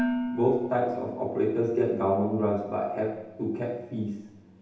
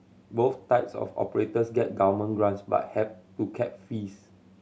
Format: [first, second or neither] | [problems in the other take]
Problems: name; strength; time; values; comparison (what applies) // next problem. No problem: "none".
second | background sound (Dishes, pots, and pans); 9 dB below the speech // room echo; dies away in 0.8 s